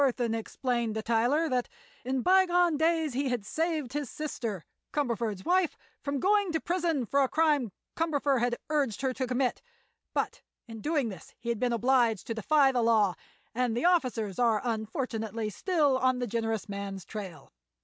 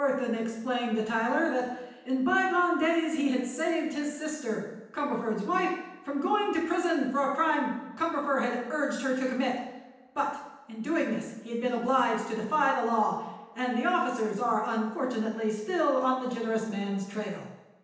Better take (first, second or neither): first